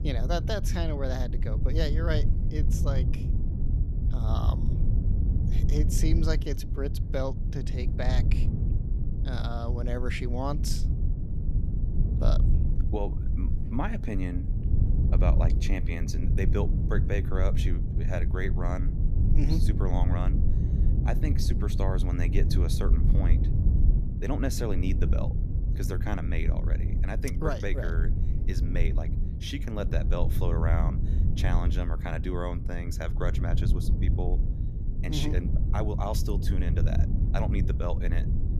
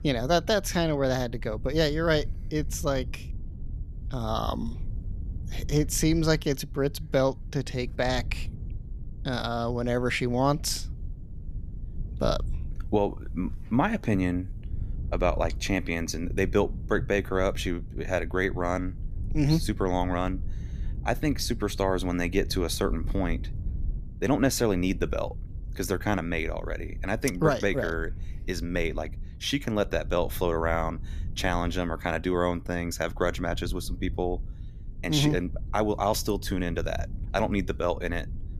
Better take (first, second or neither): second